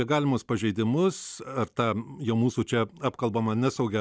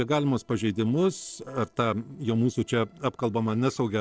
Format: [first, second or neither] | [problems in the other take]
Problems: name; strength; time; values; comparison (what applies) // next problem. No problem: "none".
first | noise reduction (neural separator model SepFormer DNS4)